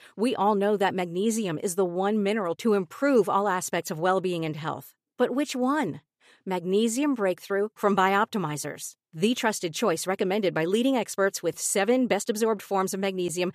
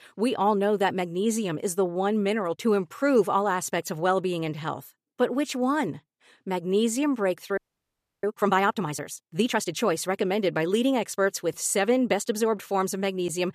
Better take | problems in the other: first | audio freezing; at 7.5 s for 0.5 s

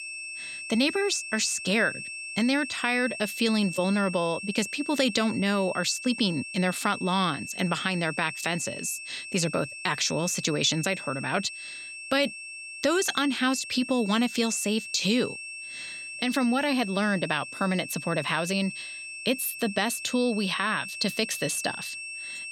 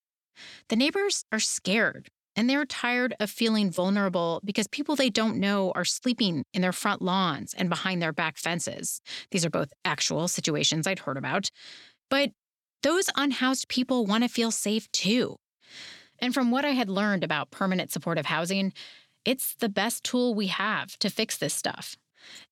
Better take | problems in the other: second | high-pitched whine; loud; throughout; 2.5 kHz, 9 dB below the speech

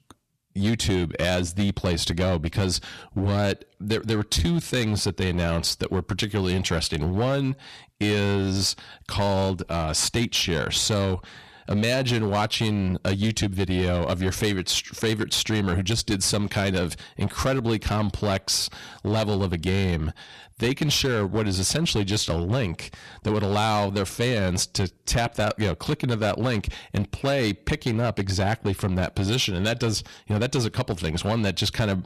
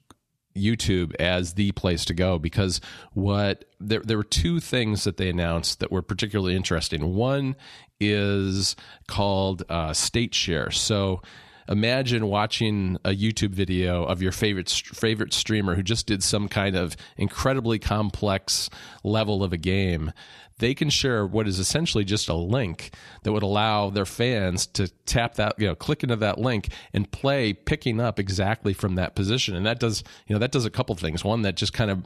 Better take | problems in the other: second | distortion; slight; 10% of the sound clipped

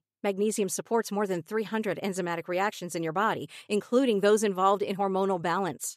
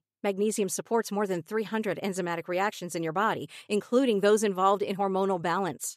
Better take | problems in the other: neither | none

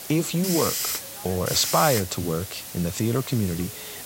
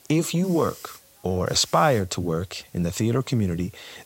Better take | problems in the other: second | hiss; loud; throughout; 4 dB below the speech; faint in the second

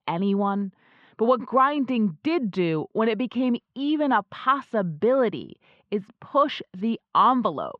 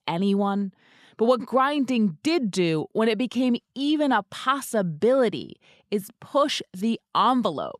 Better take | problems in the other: second | muffled; slightly; fading above 3 kHz

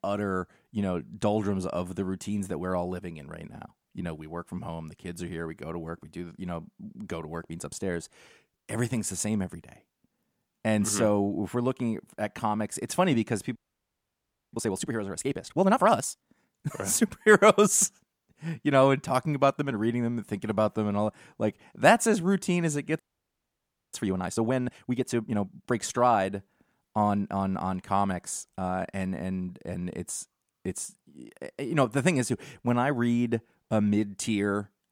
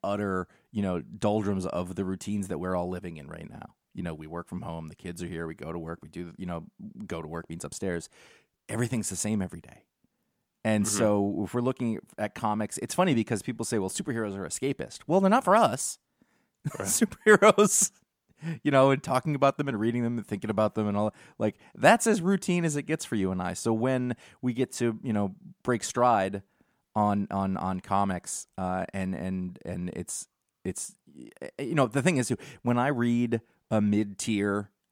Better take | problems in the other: second | audio freezing; at 14 s for 1 s and at 23 s for 1 s

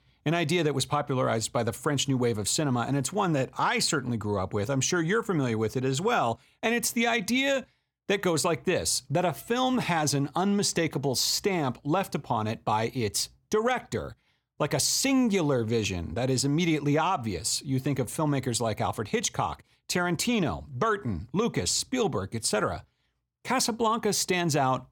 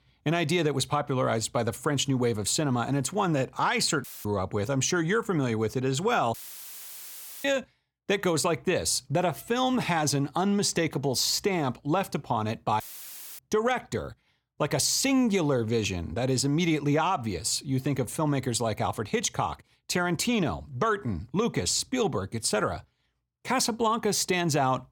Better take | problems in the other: first | audio cutting out; filled with static; at 4 s, at 6.5 s for 1 s and at 13 s for 0.5 s

